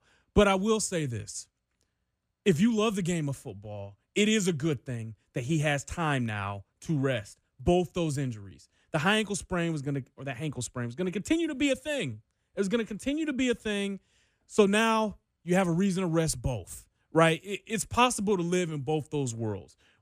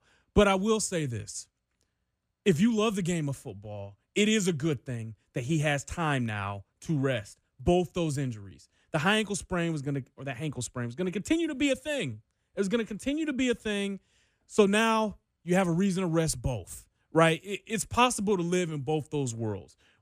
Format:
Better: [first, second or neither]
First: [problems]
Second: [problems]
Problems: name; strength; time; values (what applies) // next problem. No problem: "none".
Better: neither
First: none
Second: none